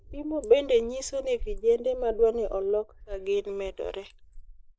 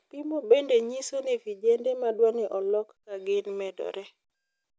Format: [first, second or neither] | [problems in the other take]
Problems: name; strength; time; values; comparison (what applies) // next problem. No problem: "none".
second | noise reduction (neural mask model Resemble Enhance denoiser)